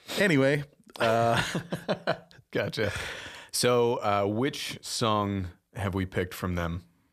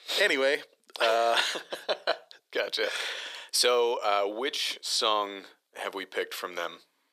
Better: first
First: none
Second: thin; very; fading below 400 Hz

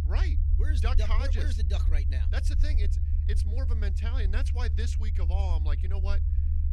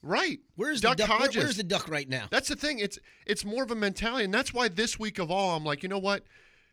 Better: second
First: low rumble; loud; throughout; 6 dB below the speech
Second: none

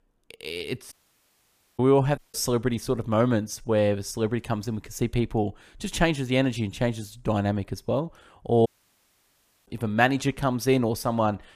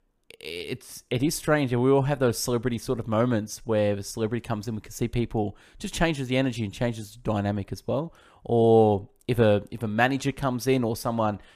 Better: second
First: audio cutting out; at 1 s for 1 s, at 2 s and at 8.5 s for 1 s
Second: none

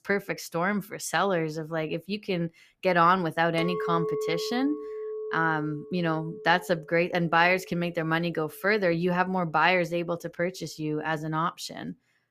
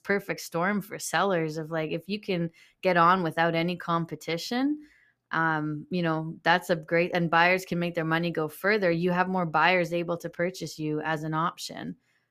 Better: second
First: clattering dishes; noticeable; from 3.5 to 7.5 s; peak 3 dB below the speech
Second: none

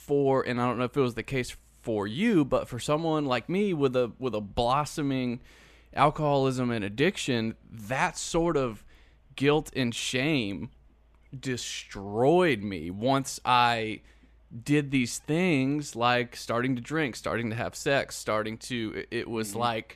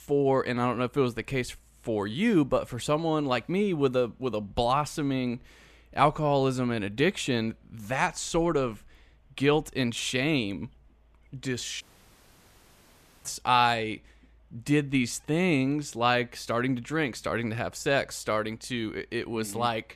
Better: first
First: none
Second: audio cutting out; at 12 s for 1.5 s

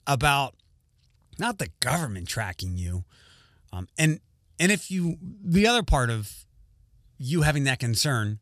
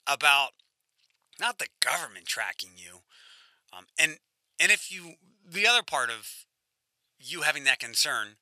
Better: first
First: none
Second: thin; very; fading below 750 Hz

